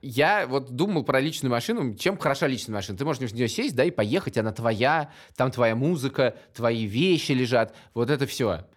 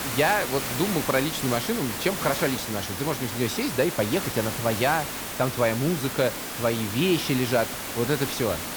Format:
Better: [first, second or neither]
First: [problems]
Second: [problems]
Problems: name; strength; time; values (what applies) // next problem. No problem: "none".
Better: first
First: none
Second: hiss; loud; throughout; 4 dB below the speech